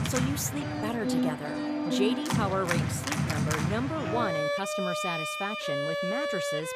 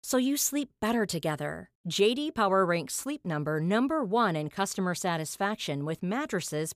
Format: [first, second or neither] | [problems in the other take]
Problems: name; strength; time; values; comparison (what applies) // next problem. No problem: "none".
second | background music; very loud; throughout; 3 dB above the speech